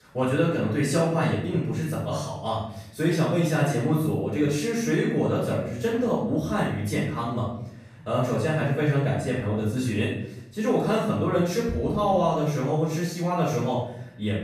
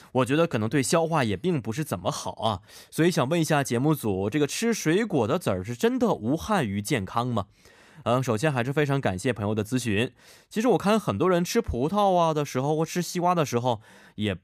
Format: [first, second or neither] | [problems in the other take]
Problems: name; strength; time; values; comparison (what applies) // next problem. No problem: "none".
second | off-mic speech; far // room echo; noticeable; dies away in 0.7 s